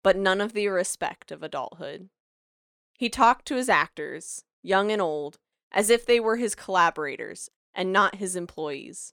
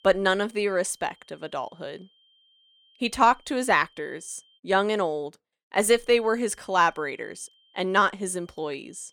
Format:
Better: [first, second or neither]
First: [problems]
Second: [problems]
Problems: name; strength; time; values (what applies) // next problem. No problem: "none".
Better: first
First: none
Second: high-pitched whine; faint; until 4.5 s and from 6 s on; 3 kHz, 35 dB below the speech